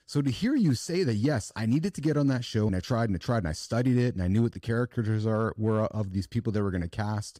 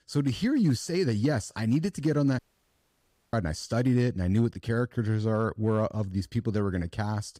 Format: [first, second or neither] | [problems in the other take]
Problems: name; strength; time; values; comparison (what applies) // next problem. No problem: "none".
first | audio cutting out; at 2.5 s for 1 s